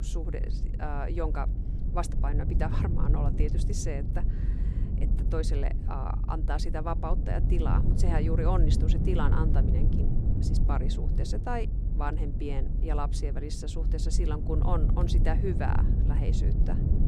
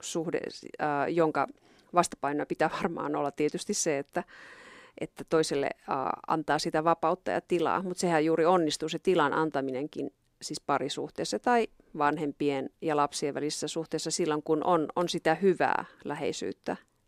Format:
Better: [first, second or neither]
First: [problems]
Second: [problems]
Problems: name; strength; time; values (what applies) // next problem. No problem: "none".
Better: second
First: low rumble; loud; throughout; 6 dB below the speech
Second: none